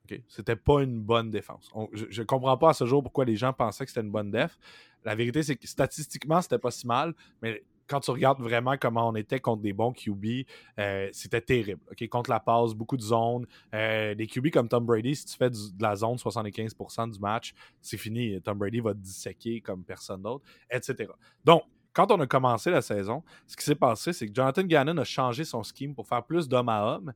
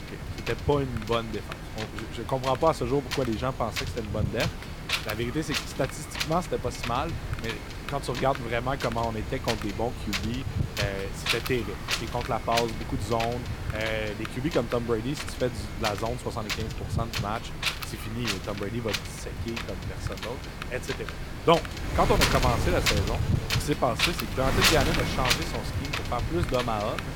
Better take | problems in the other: first | wind noise on the microphone; heavy; 2 dB below the speech

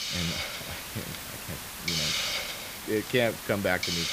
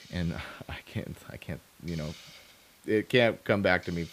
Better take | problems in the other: second | hiss; loud; throughout; 1 dB below the speech; faint in the second

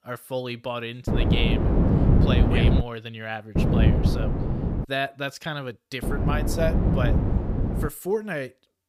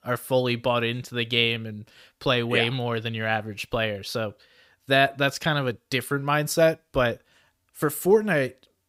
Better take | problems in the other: second | wind noise on the microphone; heavy; from 1 to 3 s, from 3.5 to 5 s and from 6 to 8 s; 1 dB below the speech

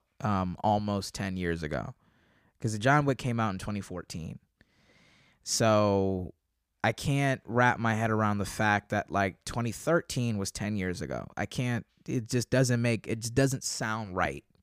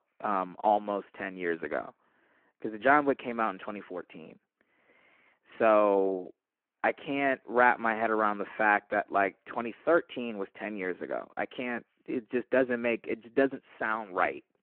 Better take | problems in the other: first | phone-call audio

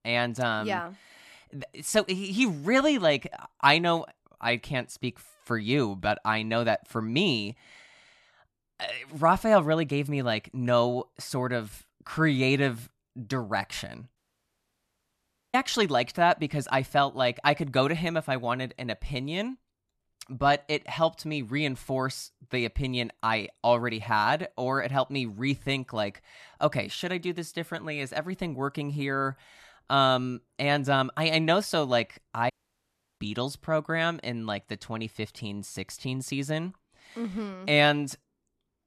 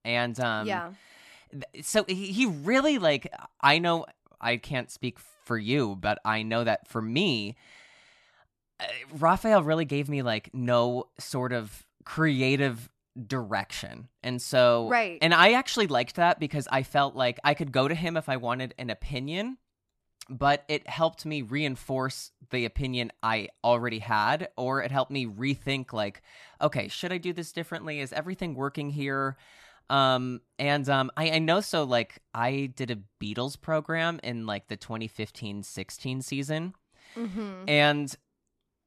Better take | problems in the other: second | audio cutting out; at 14 s for 1.5 s and at 33 s for 0.5 s

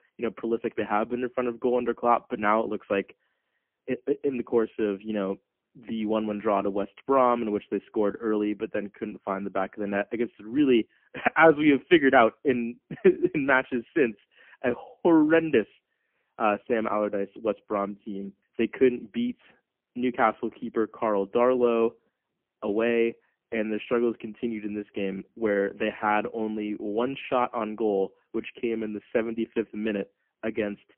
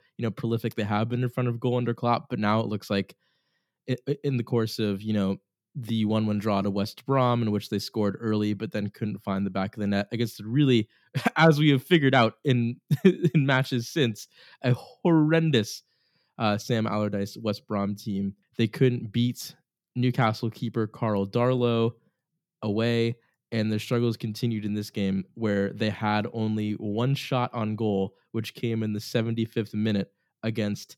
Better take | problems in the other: second | phone-call audio; poor line; nothing above 3 kHz

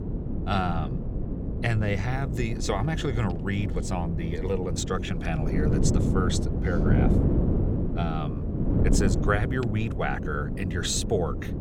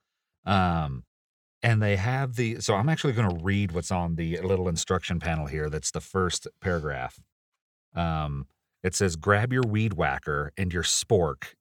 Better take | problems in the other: second | wind noise on the microphone; heavy; 5 dB below the speech

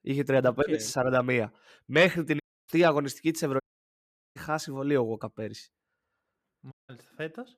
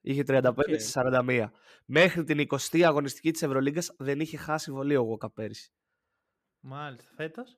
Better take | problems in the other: second | audio cutting out; at 2.5 s, at 3.5 s for 0.5 s and at 6.5 s

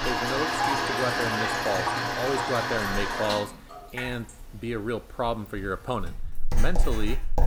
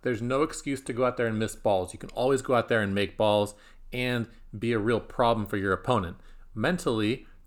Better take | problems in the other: second | household noises; very loud; throughout; 4 dB above the speech

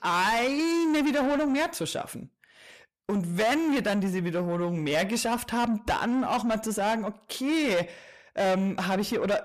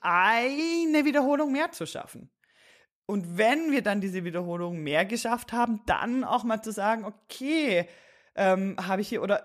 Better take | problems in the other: second | distortion; heavy; 7 dB below the speech

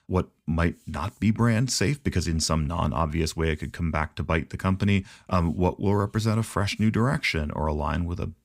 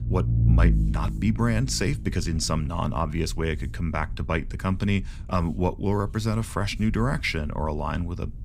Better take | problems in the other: first | low rumble; noticeable; throughout; 10 dB below the speech

